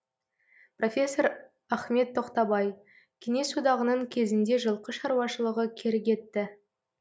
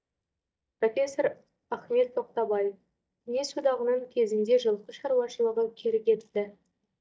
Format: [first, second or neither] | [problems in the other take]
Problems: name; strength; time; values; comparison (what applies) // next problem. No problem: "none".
first | noise reduction (neural mask model DeepFilterNet 3)